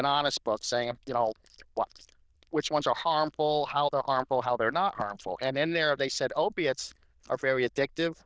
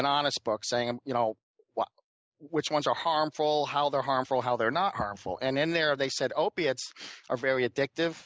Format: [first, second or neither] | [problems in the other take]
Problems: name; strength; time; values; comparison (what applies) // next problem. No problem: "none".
second | noise reduction (neural diffusion model UNIVERSE++)